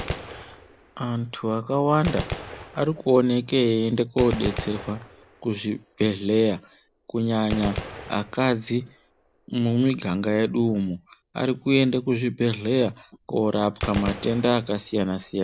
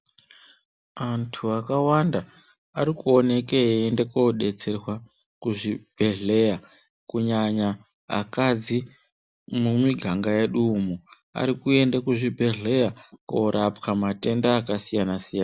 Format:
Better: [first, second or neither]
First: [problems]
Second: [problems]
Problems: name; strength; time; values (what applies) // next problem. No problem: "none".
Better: second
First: background sound (Gunshot, gunfire); 13 dB below the speech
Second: none